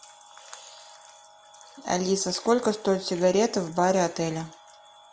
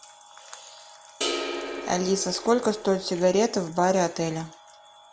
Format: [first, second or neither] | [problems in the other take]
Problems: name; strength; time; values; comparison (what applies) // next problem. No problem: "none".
first | background sound (Crash cymbal); 7 dB below the speech